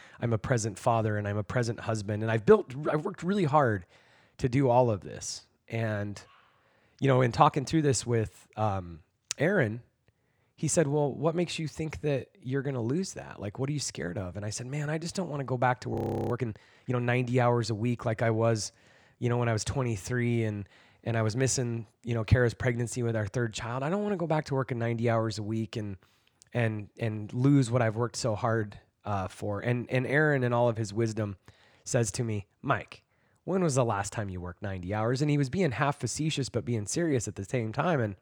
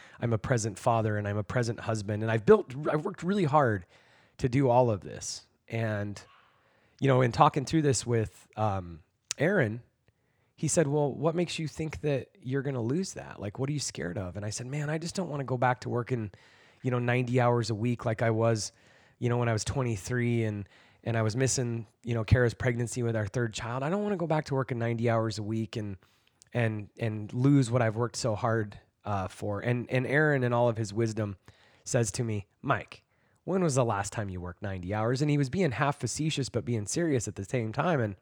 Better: second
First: audio freezing; at 16 s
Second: none

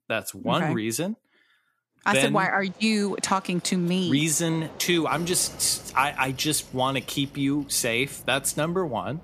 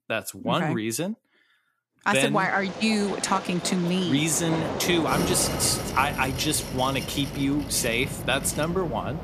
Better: first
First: train or aircraft noise; faint; from 2.5 s on; 20 dB below the speech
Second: train or aircraft noise; loud; from 2.5 s on; 7 dB below the speech

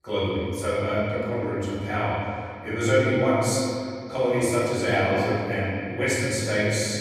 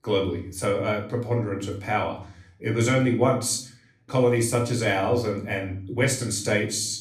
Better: second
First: room echo; strong; dies away in 2.3 s // off-mic speech; far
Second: room echo; slight; dies away in 0.4 s // off-mic speech; somewhat distant

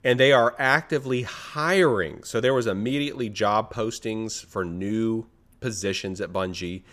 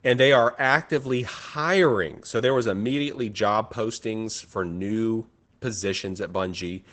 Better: first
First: none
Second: garbled, watery; badly; nothing above 8 kHz

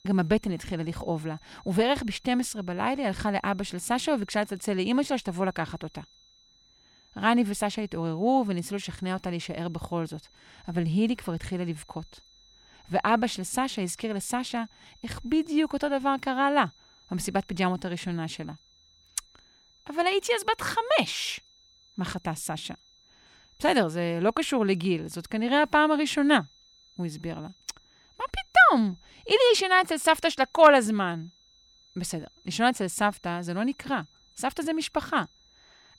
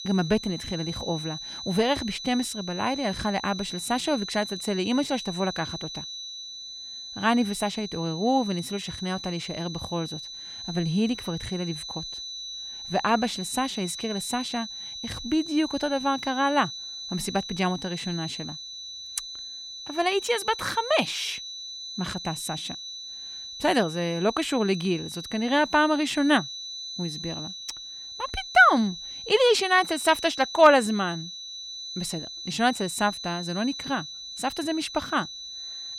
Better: first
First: high-pitched whine; faint; throughout; 4 kHz, 30 dB below the speech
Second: high-pitched whine; loud; throughout; 4 kHz, 9 dB below the speech

